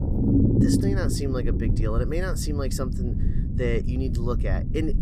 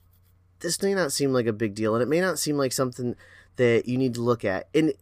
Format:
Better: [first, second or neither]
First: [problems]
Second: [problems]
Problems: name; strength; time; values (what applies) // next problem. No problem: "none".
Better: second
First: low rumble; loud; throughout; 1 dB below the speech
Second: none